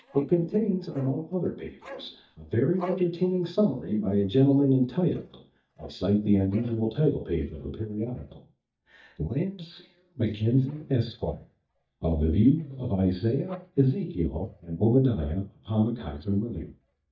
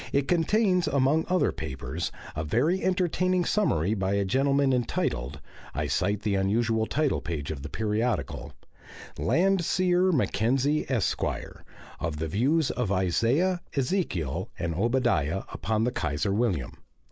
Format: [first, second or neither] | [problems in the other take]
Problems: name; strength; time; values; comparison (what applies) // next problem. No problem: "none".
second | noise reduction (neural mask model DeepFilterNet 3)